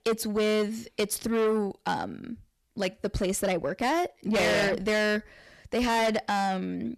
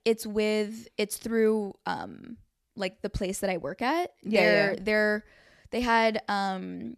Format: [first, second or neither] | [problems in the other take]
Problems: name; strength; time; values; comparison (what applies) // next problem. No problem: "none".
second | distortion; heavy; 7 dB below the speech